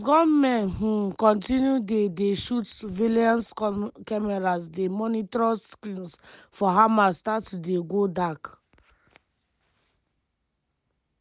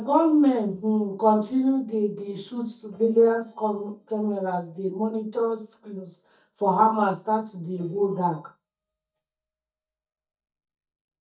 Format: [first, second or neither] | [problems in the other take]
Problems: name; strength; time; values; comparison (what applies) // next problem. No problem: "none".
first | noise reduction (neural mask model DeepFilterNet 3)